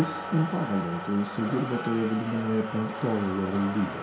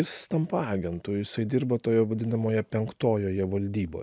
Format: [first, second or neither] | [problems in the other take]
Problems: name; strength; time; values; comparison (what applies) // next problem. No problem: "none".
second | background sound (Motor vehicle (road)); 8 dB below the speech // room echo; dies away in 0.6 s